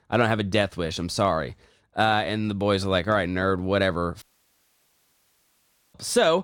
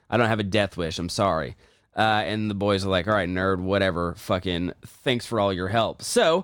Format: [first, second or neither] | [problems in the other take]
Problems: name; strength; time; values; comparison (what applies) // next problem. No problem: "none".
second | audio cutting out; at 4 s for 1.5 s